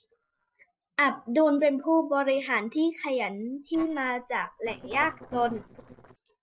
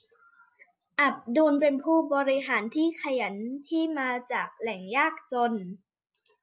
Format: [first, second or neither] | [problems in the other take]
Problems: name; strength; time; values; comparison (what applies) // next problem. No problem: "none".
second | noise reduction (neural separator model SepFormer DNS4)